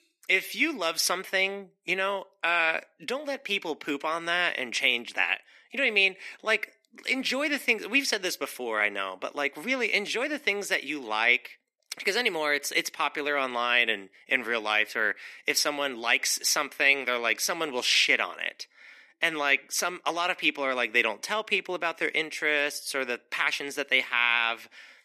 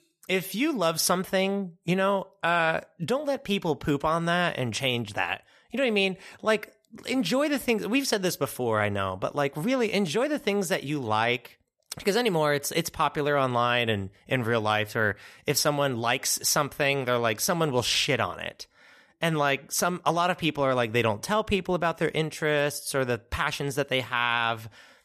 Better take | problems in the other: second | thin; very slightly; fading below 250 Hz

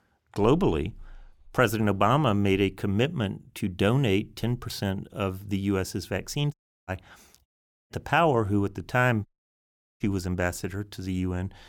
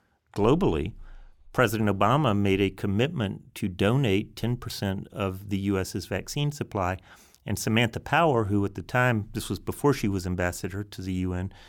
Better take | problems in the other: second | audio cutting out; at 6.5 s, at 7.5 s and at 9.5 s for 0.5 s

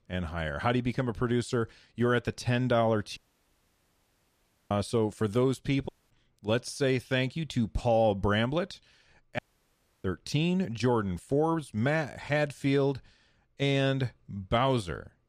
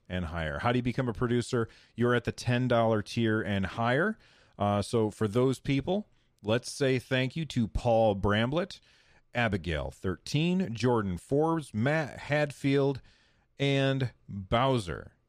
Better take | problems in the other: second | audio cutting out; at 3 s for 1.5 s, at 6 s and at 9.5 s for 0.5 s

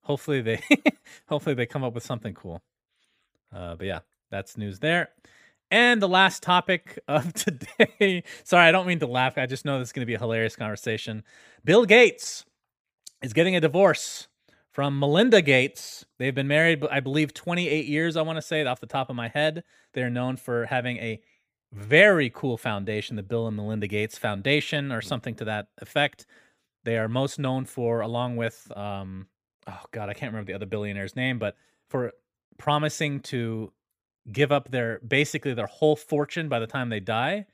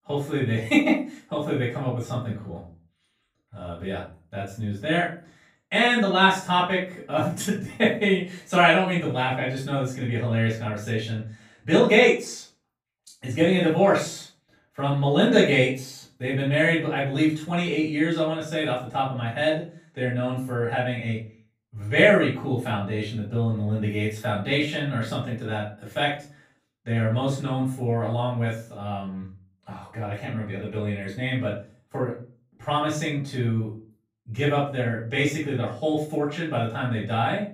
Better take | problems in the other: first | off-mic speech; far // room echo; noticeable; dies away in 0.3 s

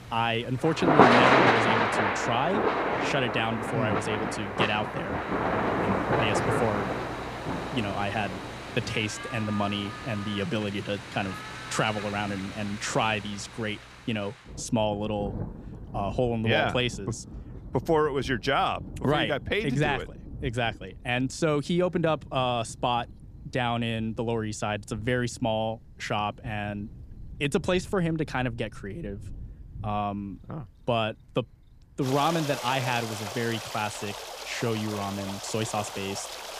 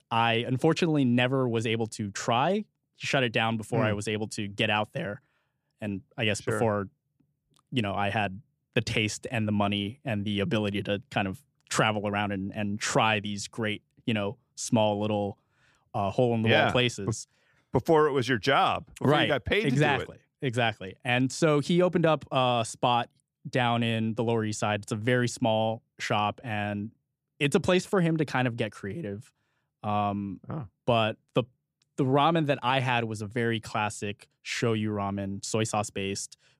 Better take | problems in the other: second | rain or running water; loud; throughout; as loud as the speech

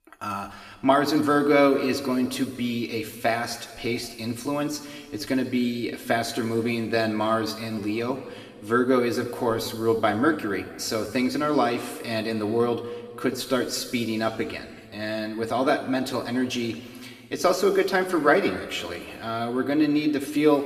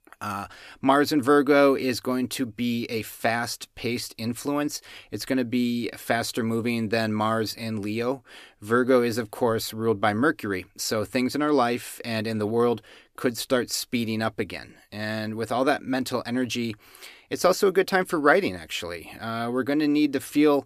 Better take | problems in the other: second | room echo; slight; dies away in 1.8 s // off-mic speech; somewhat distant

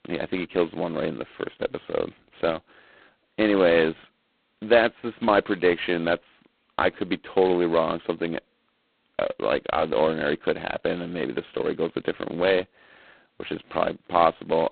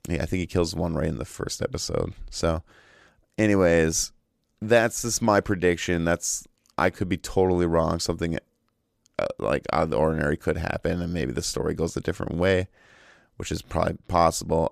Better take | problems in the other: second | phone-call audio; poor line; nothing above 4 kHz

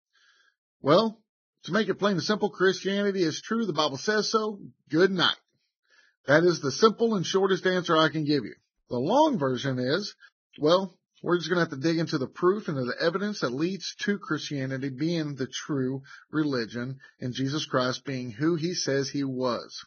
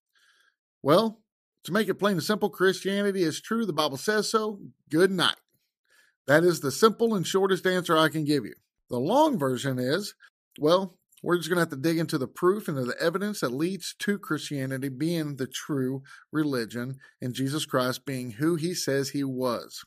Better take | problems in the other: second | garbled, watery; badly; nothing above 6.5 kHz

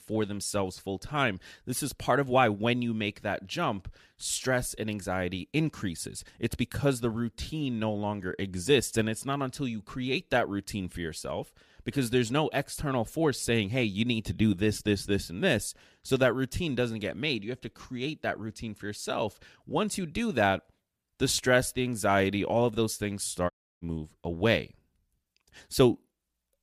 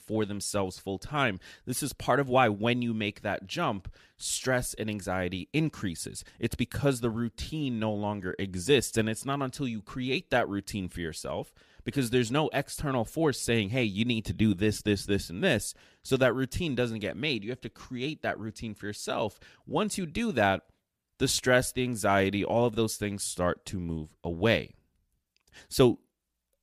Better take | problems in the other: second | audio cutting out; at 24 s

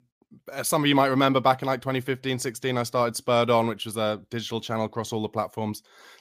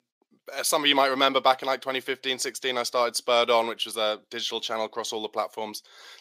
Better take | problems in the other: first | thin; somewhat; fading below 450 Hz

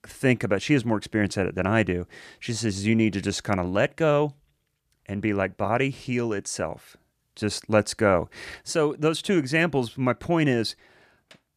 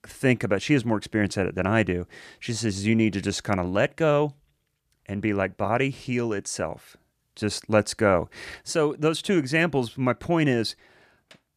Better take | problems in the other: neither | none

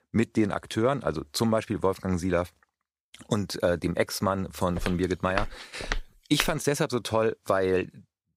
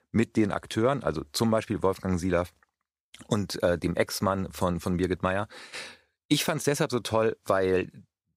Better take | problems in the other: second | footsteps; noticeable; from 5 to 6.5 s; peak 5 dB below the speech

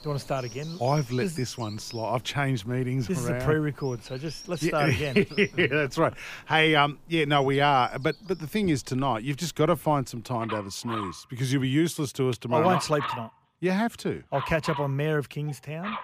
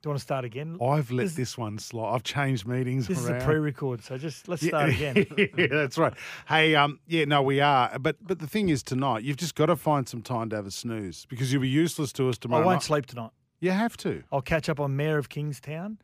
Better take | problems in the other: second | animal sounds; noticeable; throughout; 15 dB below the speech

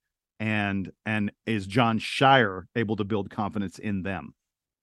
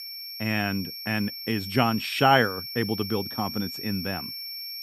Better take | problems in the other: first | high-pitched whine; loud; throughout; 5.5 kHz, 7 dB below the speech

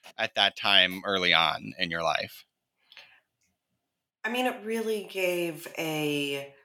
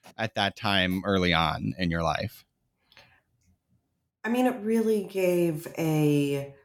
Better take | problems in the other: second | thin; somewhat; fading below 600 Hz

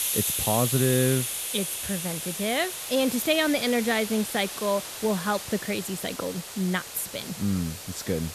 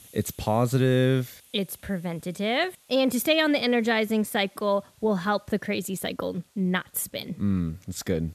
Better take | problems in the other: second | hiss; loud; throughout; 4 dB below the speech; faint in the second

